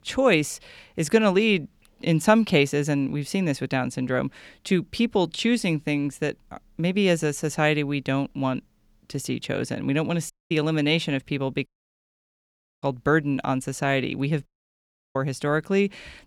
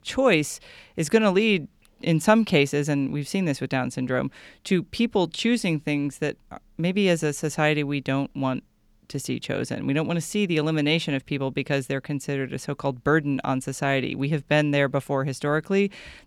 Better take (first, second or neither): second